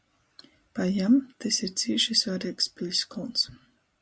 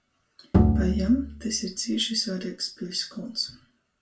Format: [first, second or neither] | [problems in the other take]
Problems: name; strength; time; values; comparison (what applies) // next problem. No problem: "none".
first | background sound (Bowed string instrument); 5 dB above the speech // room echo; dies away in 0.3 s